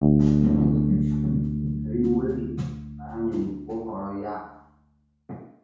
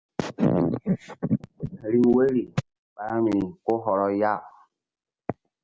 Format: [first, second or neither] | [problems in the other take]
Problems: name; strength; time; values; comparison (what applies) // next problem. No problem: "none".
second | background sound (Bass guitar); 4 dB above the speech // room echo; dies away in 0.6 s